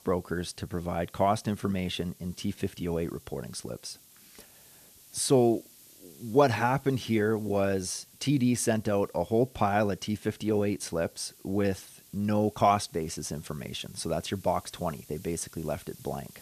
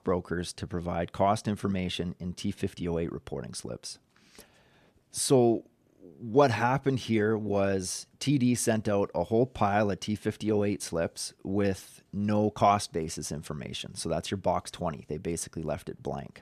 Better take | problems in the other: second | hiss; faint; throughout; 25 dB below the speech

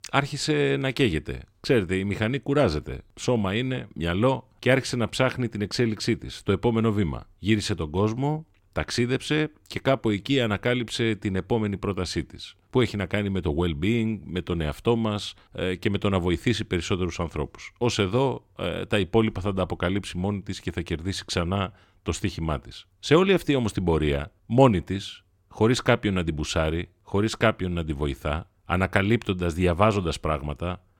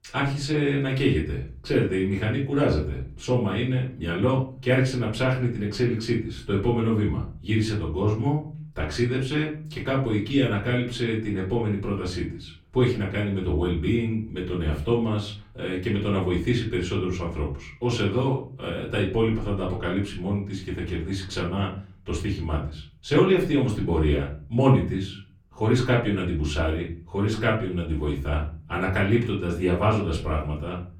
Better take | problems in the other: first | off-mic speech; far // room echo; slight; dies away in 0.5 s

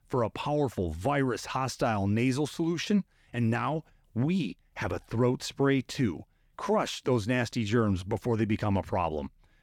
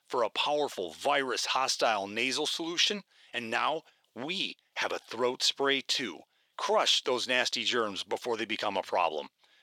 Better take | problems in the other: first | thin; very; fading below 550 Hz

